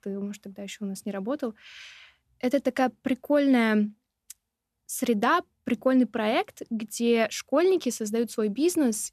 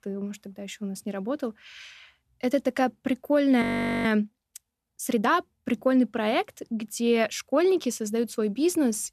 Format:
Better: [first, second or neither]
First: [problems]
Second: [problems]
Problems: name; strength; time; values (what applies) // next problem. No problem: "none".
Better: first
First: none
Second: audio freezing; at 3.5 s